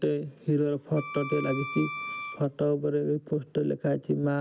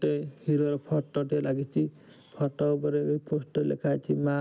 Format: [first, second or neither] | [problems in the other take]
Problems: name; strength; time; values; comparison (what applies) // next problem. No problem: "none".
second | background sound (Wind instrument, woodwind instrument); 10 dB below the speech